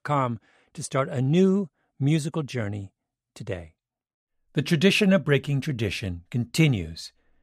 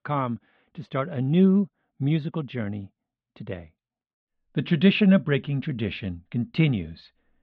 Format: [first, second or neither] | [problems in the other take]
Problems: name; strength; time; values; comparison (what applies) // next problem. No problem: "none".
first | muffled; slightly; fading above 3.5 kHz